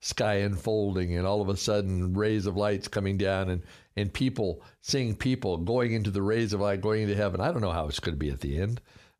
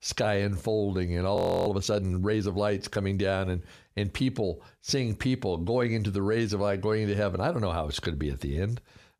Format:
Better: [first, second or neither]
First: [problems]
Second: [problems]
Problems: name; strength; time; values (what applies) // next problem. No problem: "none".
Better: first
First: none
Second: audio freezing; at 1.5 s